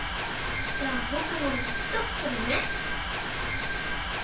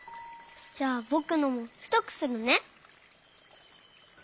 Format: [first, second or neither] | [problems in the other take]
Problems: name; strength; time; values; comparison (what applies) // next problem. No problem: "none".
second | background sound (Mechanisms); 5 dB above the speech // room echo; dies away in 0.4 s